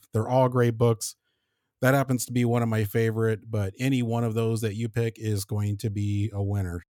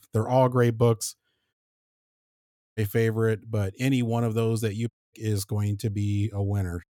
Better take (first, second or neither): first